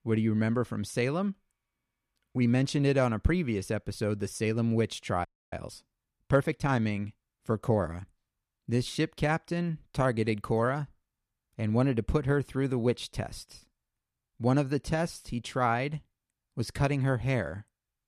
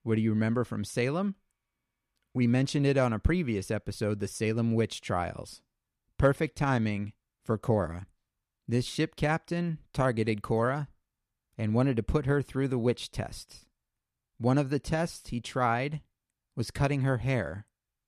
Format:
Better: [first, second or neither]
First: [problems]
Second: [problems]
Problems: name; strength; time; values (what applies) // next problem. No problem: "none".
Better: second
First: audio freezing; at 5.5 s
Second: none